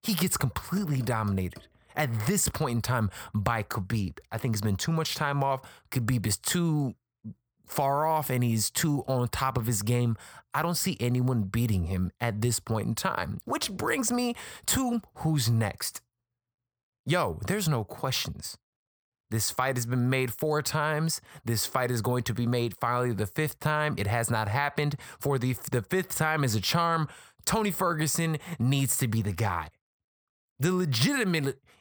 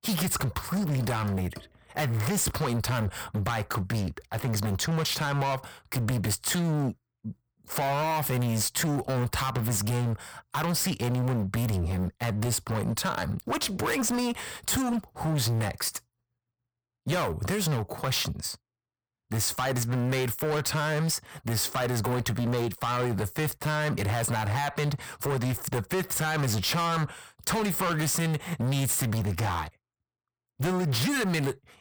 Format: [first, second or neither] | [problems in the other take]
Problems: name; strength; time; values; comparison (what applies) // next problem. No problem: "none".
first | distortion; heavy; 26% of the sound clipped